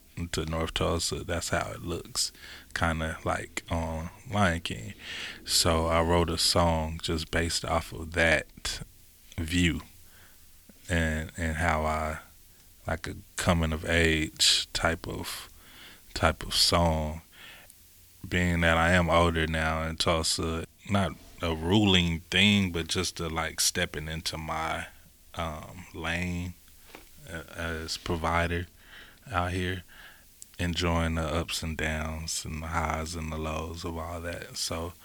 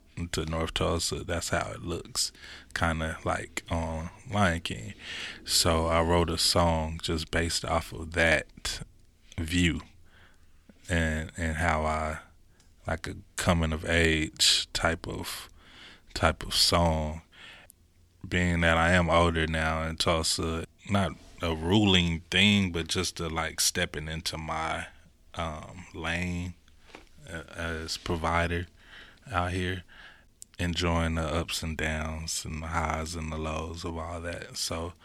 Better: second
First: hiss; faint; throughout; 25 dB below the speech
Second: none

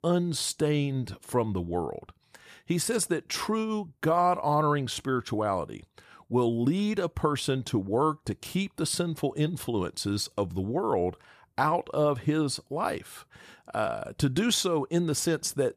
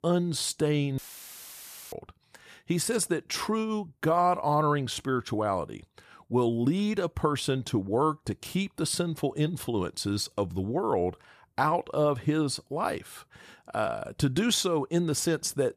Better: first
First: none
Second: audio cutting out; filled with static; at 1 s for 1 s

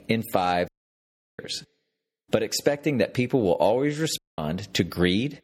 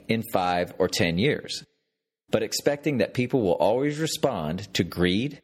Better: second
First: audio cutting out; at 0.5 s for 0.5 s and at 4 s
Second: none

